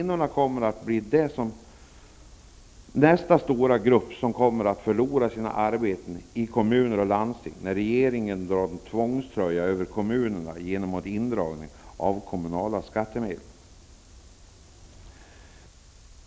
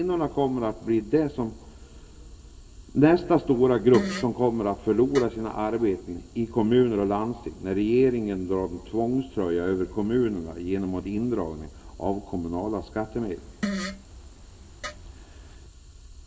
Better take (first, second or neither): first